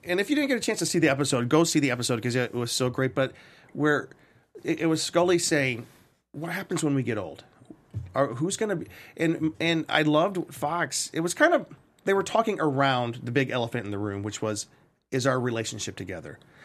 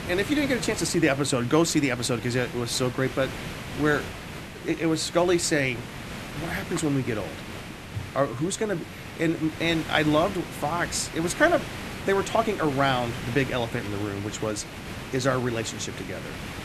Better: first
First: none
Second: hiss; noticeable; throughout; 10 dB below the speech

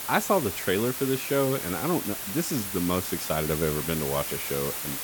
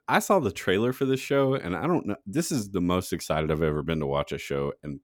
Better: second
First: hiss; loud; throughout; 3 dB below the speech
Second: none

